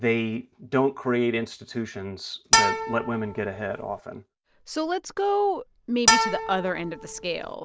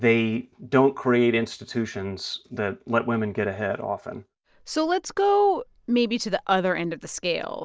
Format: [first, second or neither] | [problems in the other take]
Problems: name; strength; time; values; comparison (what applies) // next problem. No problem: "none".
second | background sound (Bowed string instrument); 2 dB above the speech